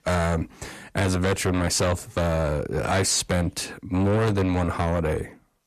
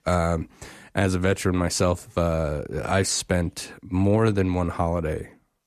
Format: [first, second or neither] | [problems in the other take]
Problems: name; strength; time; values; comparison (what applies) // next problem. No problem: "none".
second | distortion; heavy; 7 dB below the speech